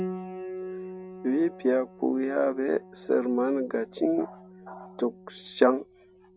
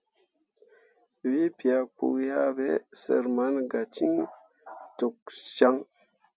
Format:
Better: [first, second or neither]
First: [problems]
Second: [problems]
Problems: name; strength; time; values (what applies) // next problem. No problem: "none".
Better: second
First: background sound (Piano); 13 dB below the speech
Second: none